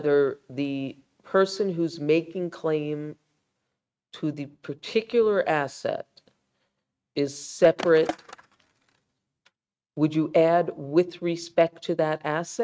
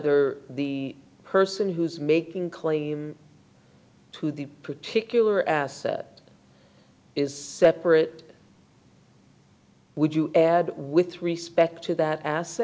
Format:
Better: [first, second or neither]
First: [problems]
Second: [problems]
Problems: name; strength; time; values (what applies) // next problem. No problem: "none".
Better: second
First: noise reduction (neural mask model RNNoise)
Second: none